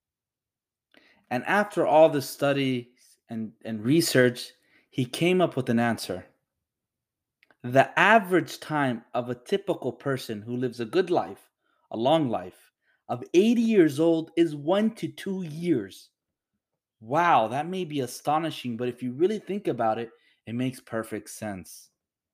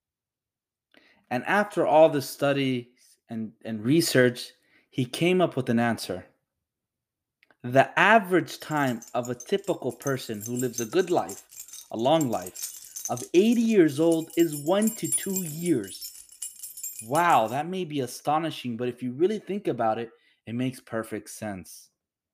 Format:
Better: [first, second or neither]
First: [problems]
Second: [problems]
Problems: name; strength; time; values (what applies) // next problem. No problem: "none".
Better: first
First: none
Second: jangling keys; noticeable; from 9.5 to 17 s; peak 1 dB below the speech